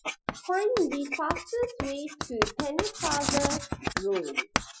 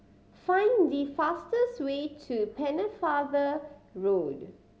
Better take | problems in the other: second | noise reduction (classical method Wiener filter)

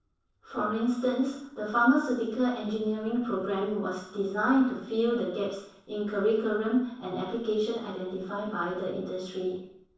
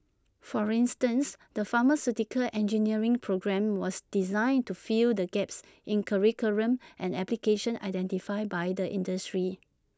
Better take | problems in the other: second | noise reduction (neural separator model SepFormer DNS4)

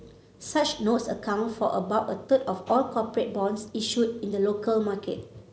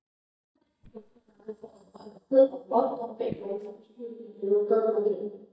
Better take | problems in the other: first | noise reduction (neural mask model DeepFilterNet 3)

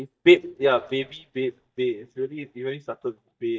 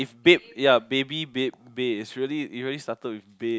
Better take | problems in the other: second | noise reduction (neural mask model DeepFilterNet 3)

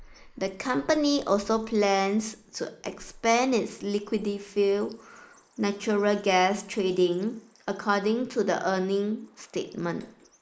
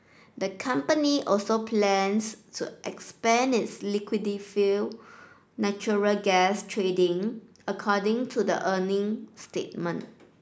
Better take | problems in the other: second | noise reduction (neural mask model Resemble Enhance denoiser)

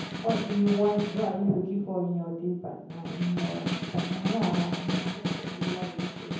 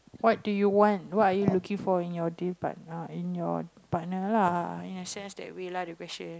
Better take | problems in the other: second | background sound (Snare drum); 4 dB below the speech // room echo; dies away in 0.9 s

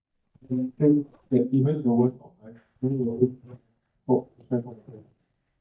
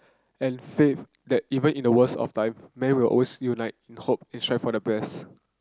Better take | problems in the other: second | noise reduction (neural mask model DeepFilterNet 3)

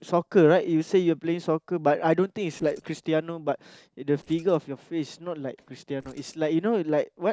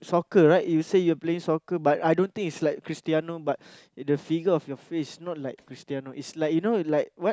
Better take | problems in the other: second | noise reduction (neural separator model SepFormer DNS4)

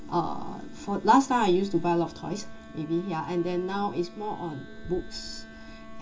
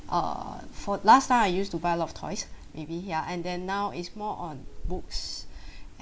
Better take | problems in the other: second | background sound (Wind instrument, woodwind instrument); 20 dB below the speech // room echo; dies away in 0.2 s

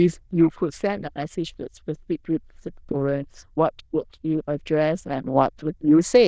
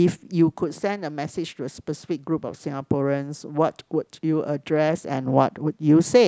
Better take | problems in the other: second | noise reduction (neural diffusion model UNIVERSE++)

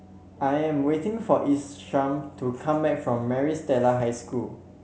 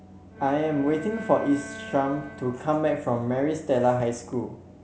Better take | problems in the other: first | background sound (Bowed string instrument); 17 dB below the speech

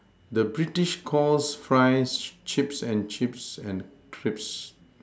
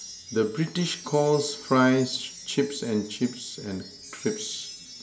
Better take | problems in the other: first | background sound (Wind chime); 16 dB below the speech // room echo; dies away in 0.2 s

